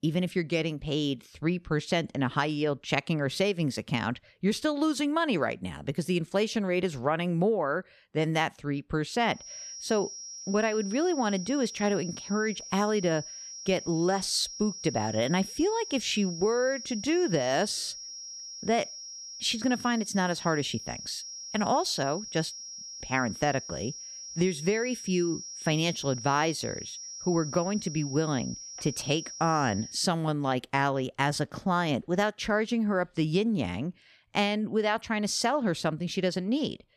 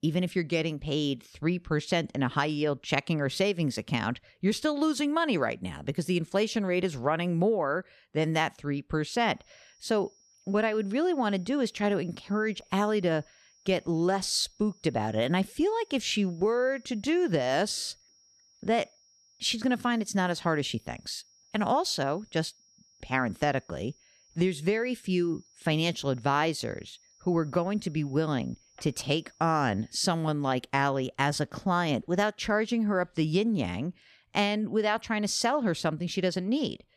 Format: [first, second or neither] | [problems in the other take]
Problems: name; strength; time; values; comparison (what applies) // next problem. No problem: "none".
second | high-pitched whine; loud; from 9.5 to 30 s; 5.5 kHz, 10 dB below the speech; faint in the second